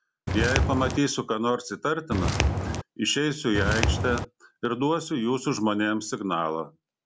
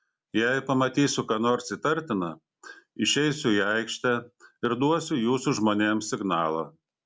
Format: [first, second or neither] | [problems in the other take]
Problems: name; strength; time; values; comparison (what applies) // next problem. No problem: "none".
second | background sound (Walk, footsteps); 2 dB above the speech